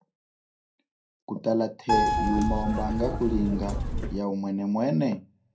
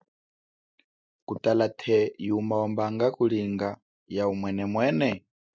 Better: second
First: background sound (Keyboard (musical)); 2 dB above the speech // room echo; dies away in 0.3 s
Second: none

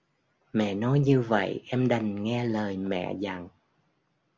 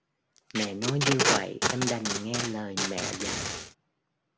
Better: first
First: none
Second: background sound (Packing tape, duct tape); 3 dB above the speech

